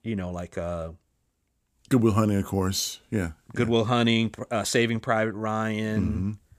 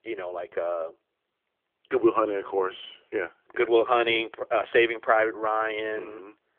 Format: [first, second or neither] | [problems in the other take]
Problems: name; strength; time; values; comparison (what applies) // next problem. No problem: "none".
first | phone-call audio; nothing above 3.5 kHz